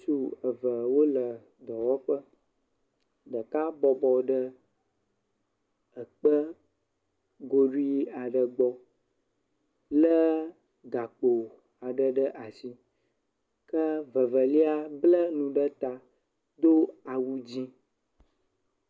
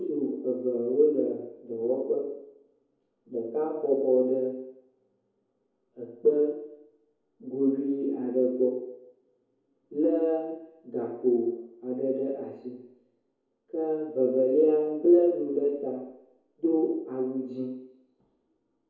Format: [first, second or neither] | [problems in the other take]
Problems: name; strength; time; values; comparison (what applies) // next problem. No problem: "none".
first | room echo; dies away in 0.9 s